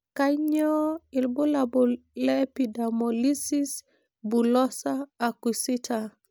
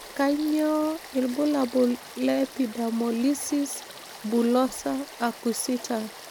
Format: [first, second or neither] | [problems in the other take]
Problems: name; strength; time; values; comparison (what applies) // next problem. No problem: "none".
first | background sound (Stream / Frog); 16 dB below the speech